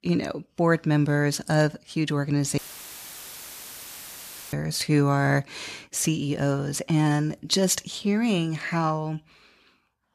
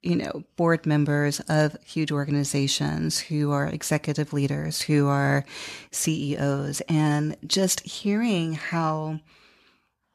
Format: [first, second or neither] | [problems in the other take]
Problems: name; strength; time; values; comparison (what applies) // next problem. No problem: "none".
second | audio cutting out; filled with static; at 2.5 s for 2 s